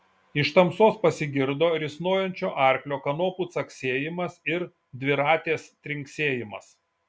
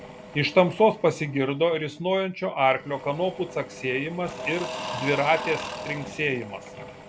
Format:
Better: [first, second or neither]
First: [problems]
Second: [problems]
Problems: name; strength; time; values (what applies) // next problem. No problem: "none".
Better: first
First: none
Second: background sound (Engine / Drill / Mechanisms); 12 dB below the speech